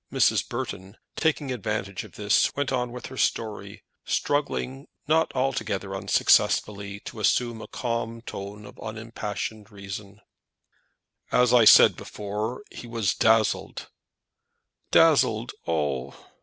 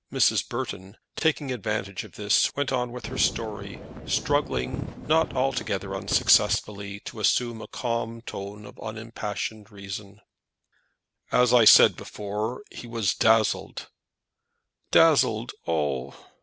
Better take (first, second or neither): first